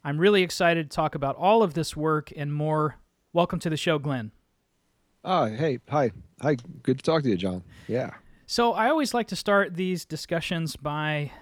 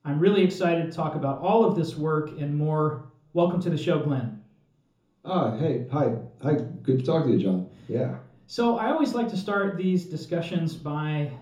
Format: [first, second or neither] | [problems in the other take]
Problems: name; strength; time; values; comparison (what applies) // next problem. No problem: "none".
first | room echo; slight; dies away in 0.7 s // off-mic speech; far